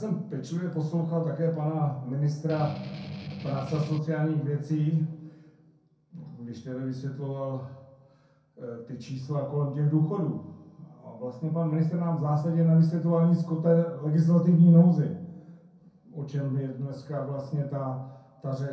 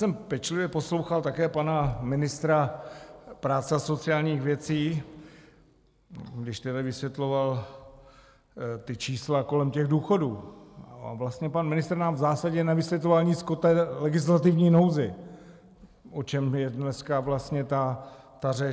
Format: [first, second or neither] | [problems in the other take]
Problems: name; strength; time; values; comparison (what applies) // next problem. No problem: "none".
second | background sound (Strum); 11 dB below the speech // room echo; dies away in 0.5 s